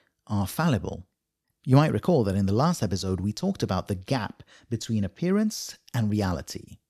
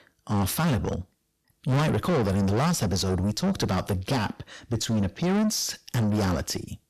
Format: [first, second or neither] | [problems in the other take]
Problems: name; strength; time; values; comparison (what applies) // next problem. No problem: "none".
first | distortion; heavy; 5 dB below the speech